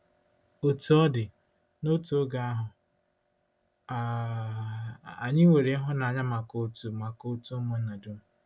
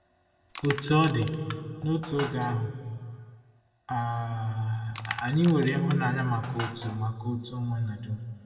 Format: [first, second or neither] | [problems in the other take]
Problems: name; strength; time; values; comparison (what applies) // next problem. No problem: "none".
first | background sound (Crushing); 13 dB below the speech // room echo; dies away in 2.1 s